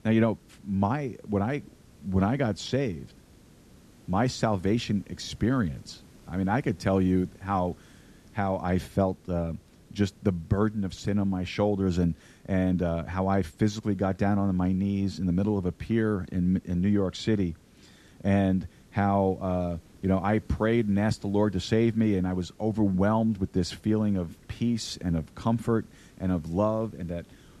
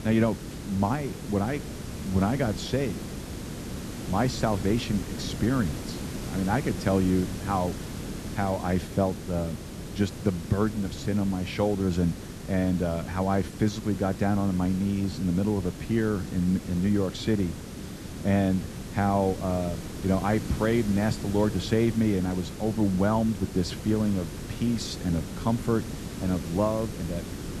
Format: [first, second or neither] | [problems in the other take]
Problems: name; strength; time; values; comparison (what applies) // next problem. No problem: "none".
first | hiss; loud; throughout; 9 dB below the speech; faint in the first